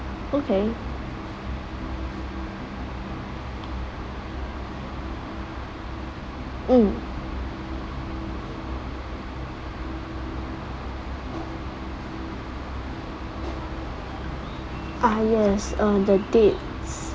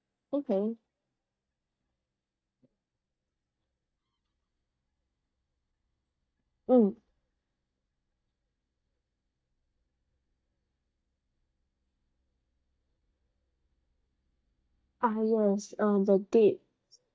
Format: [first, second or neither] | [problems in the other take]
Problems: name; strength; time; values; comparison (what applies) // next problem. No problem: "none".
first | noise reduction (neural mask model DeepFilterNet 3)